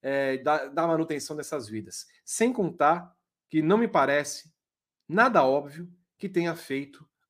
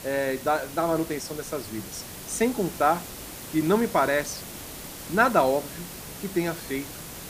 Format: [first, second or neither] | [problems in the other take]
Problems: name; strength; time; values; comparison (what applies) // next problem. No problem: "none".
first | hiss; noticeable; throughout; 10 dB below the speech